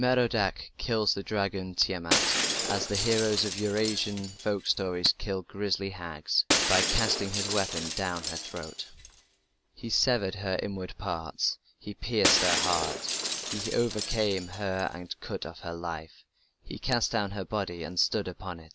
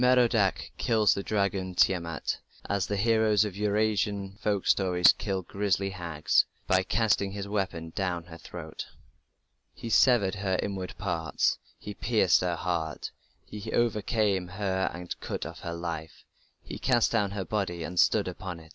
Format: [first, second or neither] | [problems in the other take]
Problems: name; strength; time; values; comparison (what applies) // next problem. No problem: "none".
second | background sound (Shatter); 2 dB below the speech